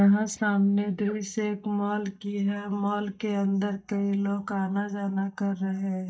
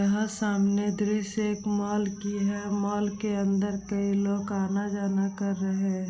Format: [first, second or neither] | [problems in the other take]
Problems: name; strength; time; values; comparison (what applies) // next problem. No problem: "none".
second | noise reduction (neural mask model DeepFilterNet 3)